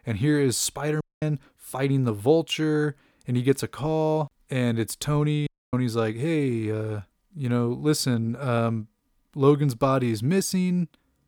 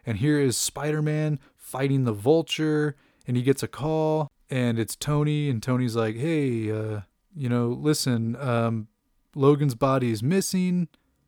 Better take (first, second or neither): second